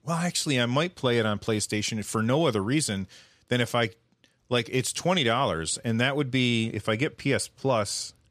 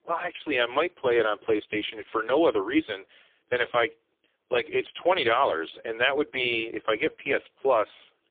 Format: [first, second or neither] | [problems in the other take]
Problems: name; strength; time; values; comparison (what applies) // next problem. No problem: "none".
first | phone-call audio; poor line